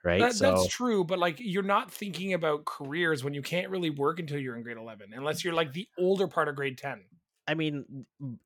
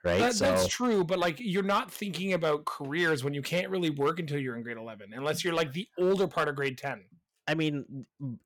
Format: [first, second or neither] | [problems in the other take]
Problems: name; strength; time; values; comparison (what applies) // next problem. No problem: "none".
first | distortion; slight; 4% of the sound clipped